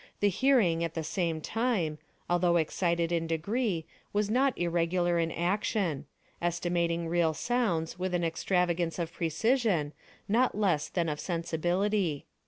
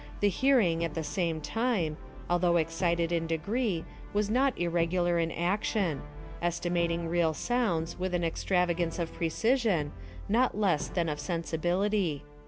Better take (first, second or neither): first